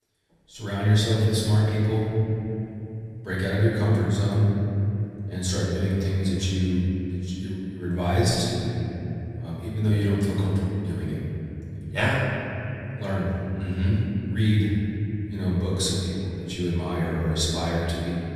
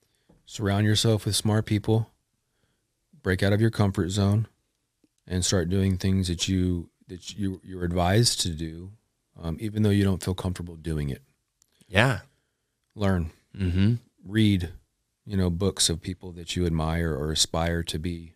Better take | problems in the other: second | off-mic speech; far // room echo; strong; dies away in 3 s

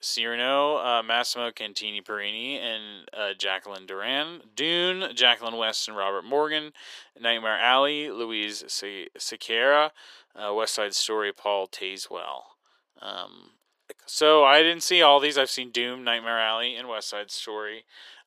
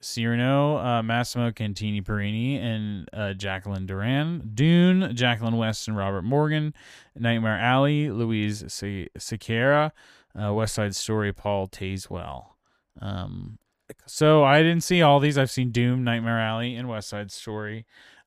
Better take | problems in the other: second | thin; very; fading below 400 Hz

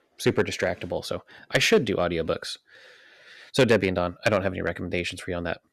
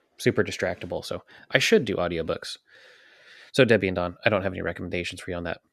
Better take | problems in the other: second | distortion; slight; 1.3% of the sound clipped

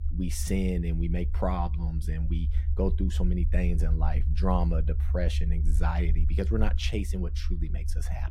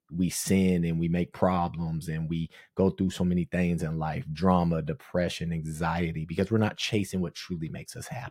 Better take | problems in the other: second | low rumble; noticeable; throughout; 10 dB below the speech

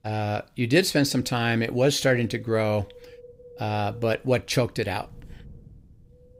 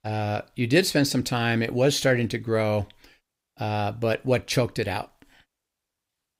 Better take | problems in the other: second | wind noise on the microphone; occasional gusts; 25 dB below the speech

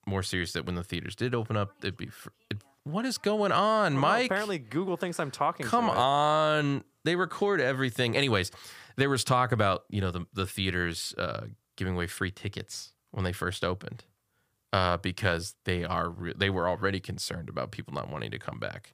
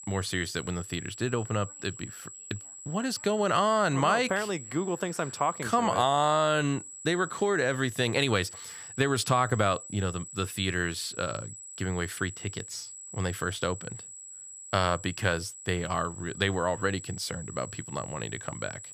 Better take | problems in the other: first | high-pitched whine; noticeable; throughout; 8 kHz, 10 dB below the speech

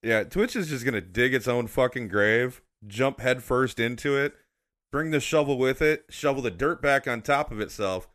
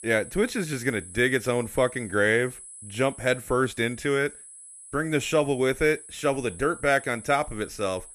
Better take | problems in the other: first | high-pitched whine; noticeable; throughout; 10 kHz, 15 dB below the speech

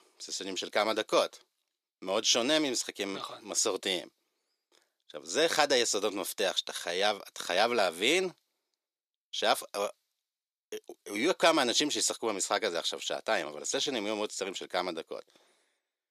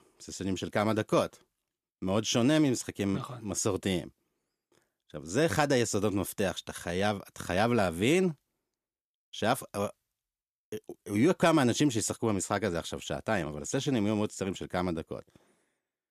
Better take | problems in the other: second | thin; somewhat; fading below 500 Hz

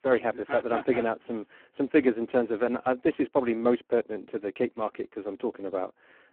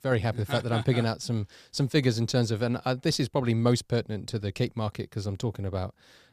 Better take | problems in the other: second | phone-call audio; poor line; nothing above 3.5 kHz

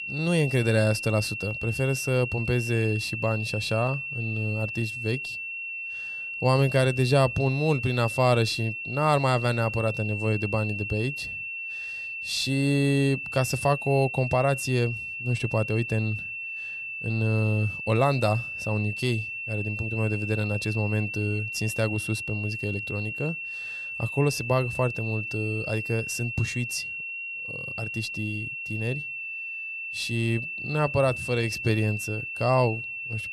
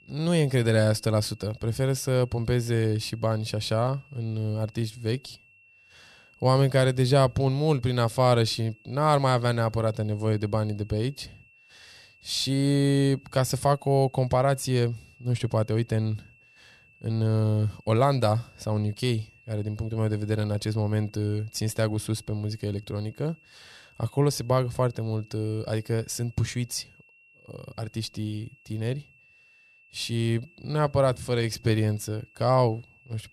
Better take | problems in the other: second | high-pitched whine; loud; throughout; 2.5 kHz, 5 dB below the speech; faint in the second

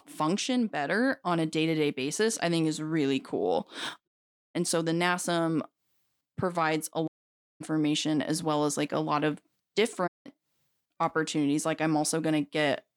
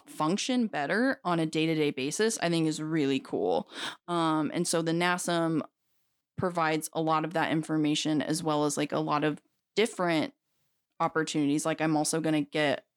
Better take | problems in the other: second | audio cutting out; at 4 s, at 7 s for 0.5 s and at 10 s

